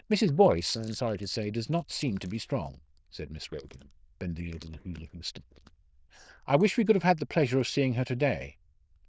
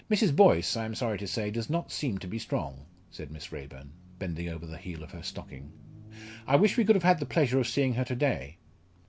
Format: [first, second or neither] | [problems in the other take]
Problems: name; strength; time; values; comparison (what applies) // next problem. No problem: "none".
second | noise reduction (neural diffusion model UNIVERSE++)